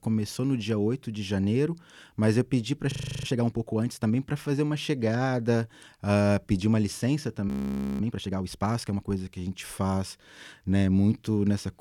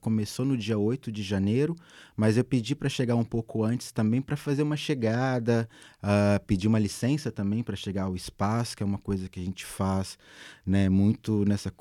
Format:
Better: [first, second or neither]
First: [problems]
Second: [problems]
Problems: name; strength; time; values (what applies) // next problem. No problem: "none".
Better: second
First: audio freezing; at 3 s and at 7.5 s for 0.5 s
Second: none